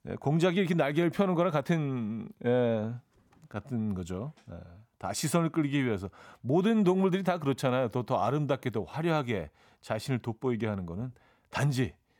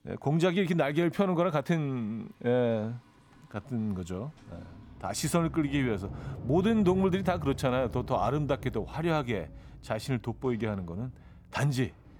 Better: first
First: none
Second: household noises; noticeable; throughout; 15 dB below the speech

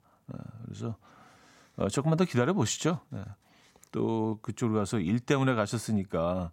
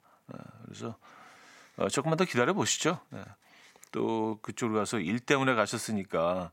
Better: first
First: none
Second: thin; very slightly; fading below 750 Hz

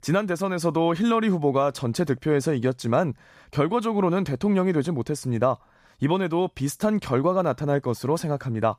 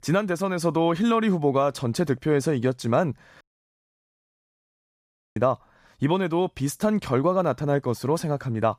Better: first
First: none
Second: audio cutting out; at 3.5 s for 2 s

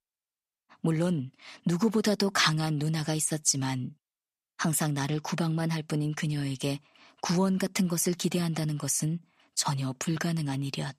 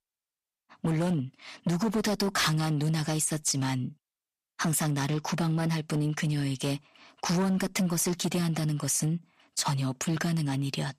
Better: first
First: none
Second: distortion; slight; 10% of the sound clipped

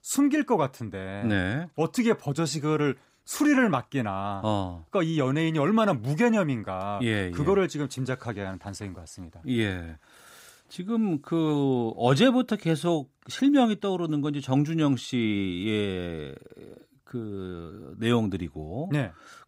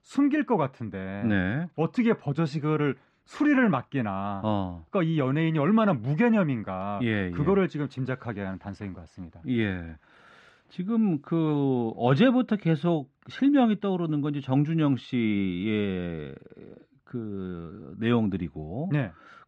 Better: first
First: none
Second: muffled; slightly; fading above 2.5 kHz

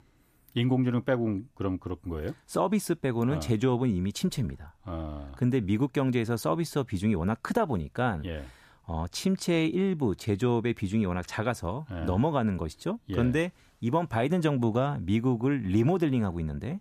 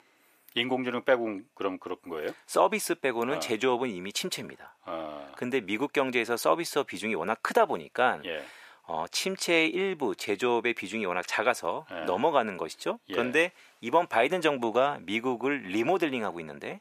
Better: first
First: none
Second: thin; somewhat; fading below 500 Hz

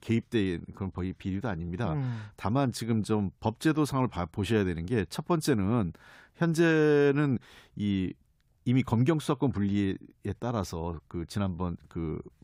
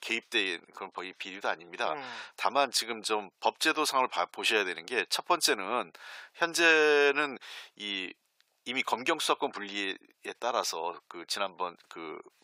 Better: first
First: none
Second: thin; very; fading below 550 Hz

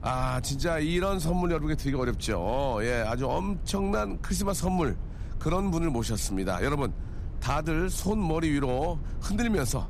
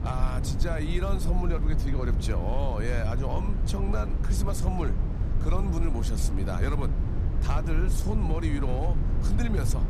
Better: first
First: low rumble; faint; throughout; 20 dB below the speech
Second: low rumble; loud; throughout; 6 dB below the speech

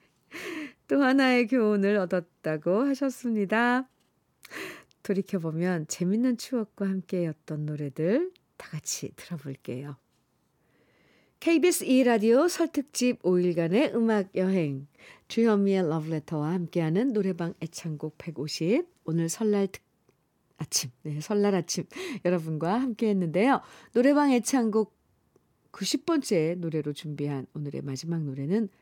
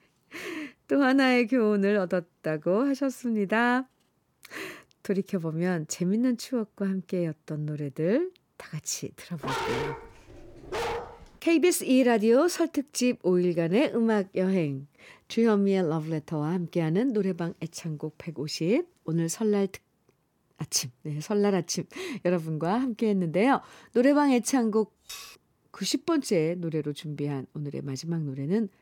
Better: first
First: none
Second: dog barking; noticeable; from 9.5 to 11 s; peak 3 dB below the speech // clattering dishes; faint; at 25 s; peak 15 dB below the speech

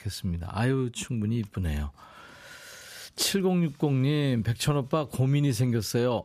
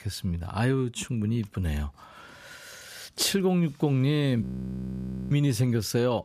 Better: first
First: none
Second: audio freezing; at 4.5 s for 1 s

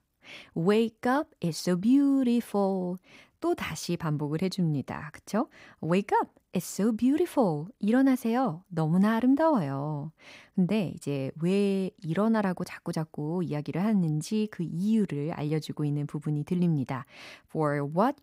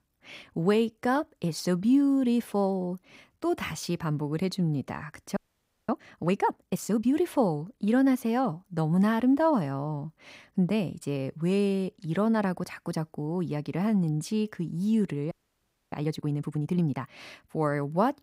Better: first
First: none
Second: audio freezing; at 5.5 s for 0.5 s and at 15 s for 0.5 s

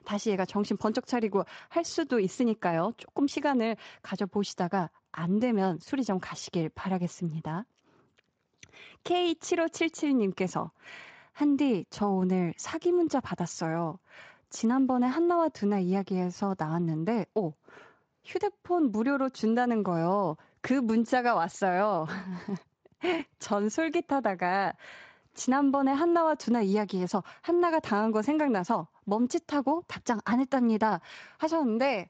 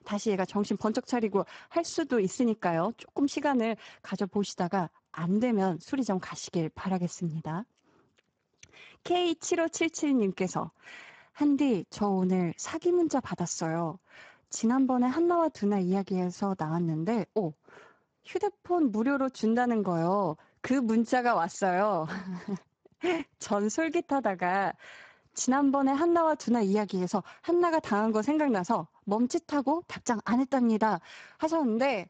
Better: first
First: garbled, watery; slightly; nothing above 7.5 kHz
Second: garbled, watery; badly; nothing above 7.5 kHz

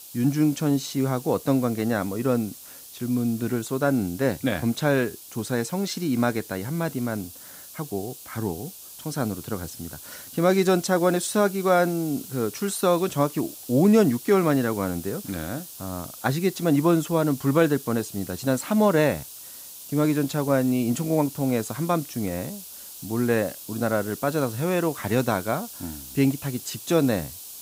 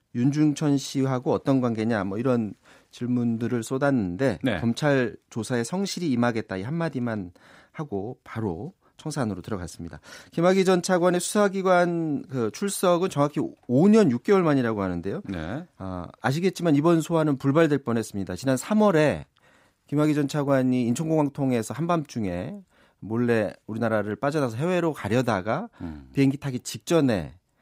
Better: second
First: hiss; noticeable; throughout; 15 dB below the speech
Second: none

